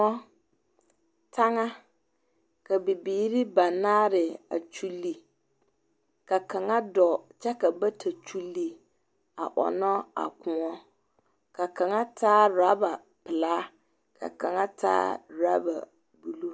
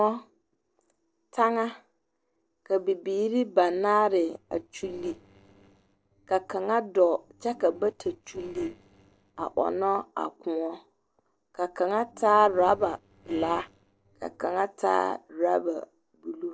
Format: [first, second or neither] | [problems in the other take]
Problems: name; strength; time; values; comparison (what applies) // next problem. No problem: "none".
first | noise reduction (neural separator model SepFormer DNS4)